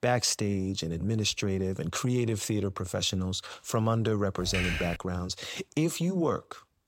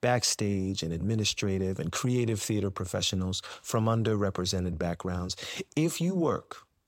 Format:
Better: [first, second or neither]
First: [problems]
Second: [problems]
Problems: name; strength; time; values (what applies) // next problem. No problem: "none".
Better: second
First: keyboard typing; noticeable; at 4.5 s; peak 1 dB below the speech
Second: none